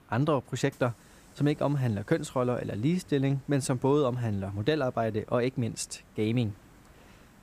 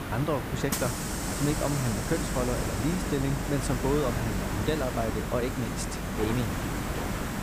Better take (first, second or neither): first